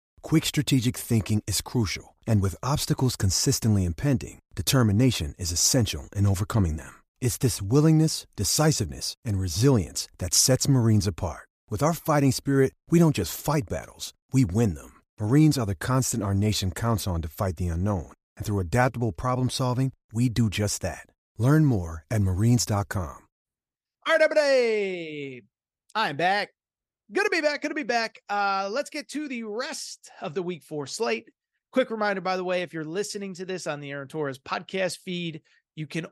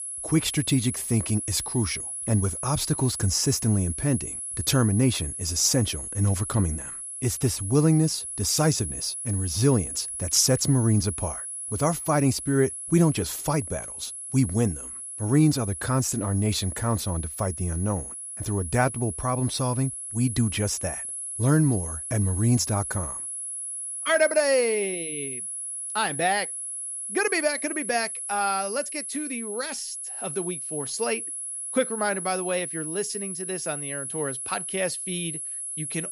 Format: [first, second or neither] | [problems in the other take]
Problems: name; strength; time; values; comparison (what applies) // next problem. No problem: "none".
first | high-pitched whine; loud; throughout; 10.5 kHz, 6 dB below the speech